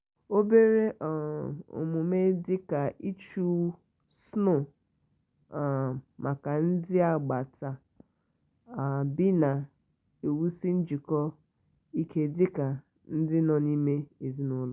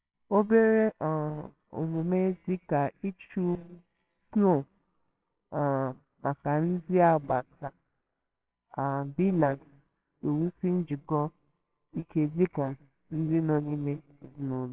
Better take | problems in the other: first | noise reduction (neural separator model SepFormer WHAMR!)

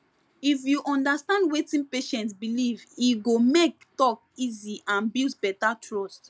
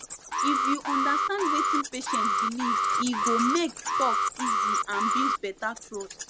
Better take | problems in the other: first | background sound (Alarm + Wild animals); 4 dB above the speech

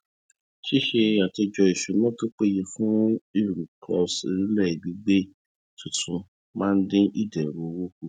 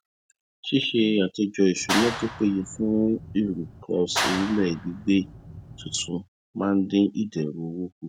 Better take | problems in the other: first | background sound (Clapping); 8 dB below the speech

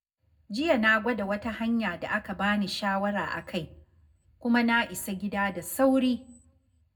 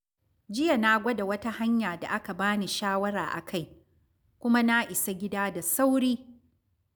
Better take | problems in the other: second | room echo; dies away in 0.3 s

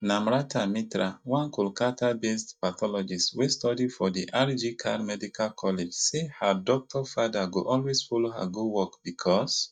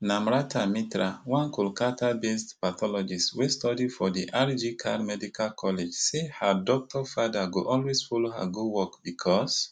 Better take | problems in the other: second | noise reduction (neural mask model DeepFilterNet 3)

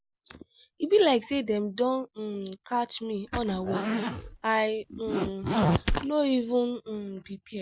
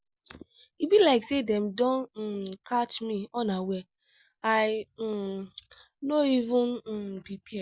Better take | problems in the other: second | background sound (Zipper (clothing)); 1 dB below the speech

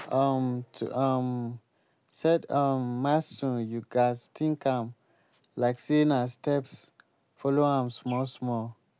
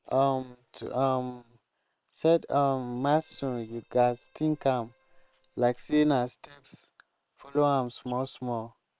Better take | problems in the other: first | noise reduction (neural separator model SepFormer WHAM!)

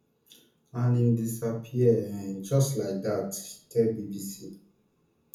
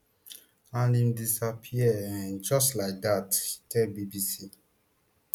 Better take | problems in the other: second | room echo; dies away in 0.6 s

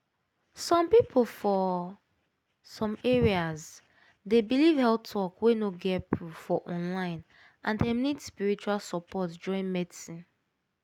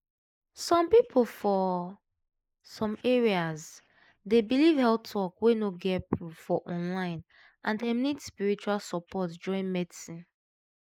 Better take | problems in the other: first | noise reduction (neural mask model Resemble Enhance denoiser)

